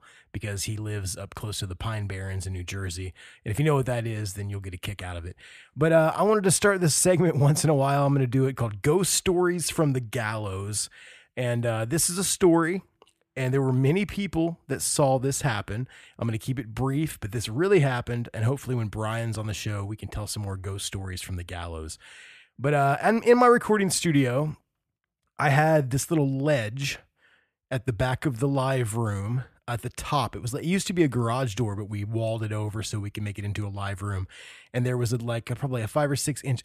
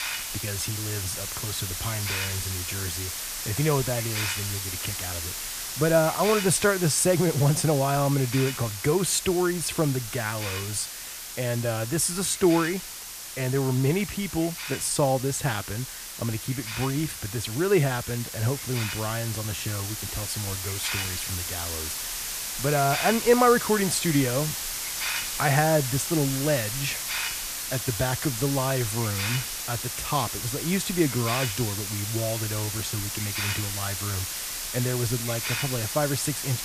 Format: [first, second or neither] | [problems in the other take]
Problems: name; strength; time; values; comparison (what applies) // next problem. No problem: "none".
first | hiss; loud; throughout; 4 dB below the speech